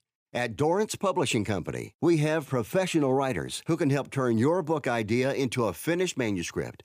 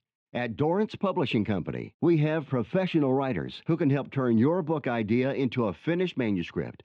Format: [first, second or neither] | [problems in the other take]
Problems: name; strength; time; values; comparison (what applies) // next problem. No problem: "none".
first | muffled; slightly; fading above 3.5 kHz